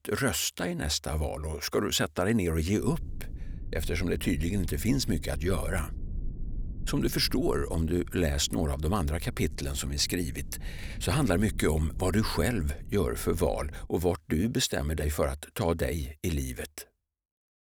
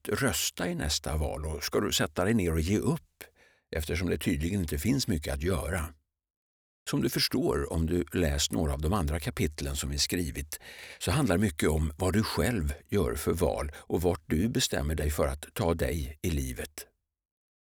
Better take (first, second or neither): second